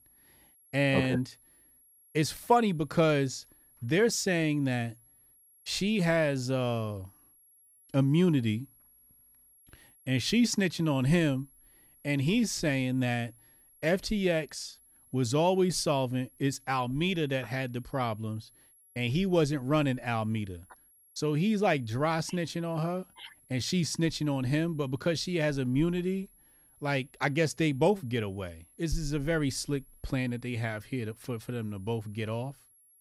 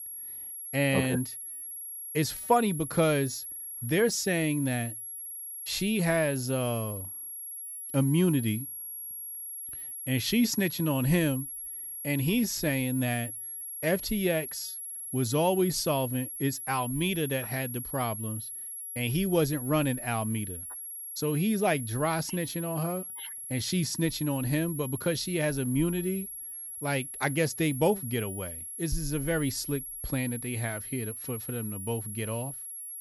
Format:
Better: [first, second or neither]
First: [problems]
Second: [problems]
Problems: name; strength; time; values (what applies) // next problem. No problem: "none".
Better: first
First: high-pitched whine; faint; throughout; 11.5 kHz, 30 dB below the speech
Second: high-pitched whine; loud; throughout; 11.5 kHz, 7 dB below the speech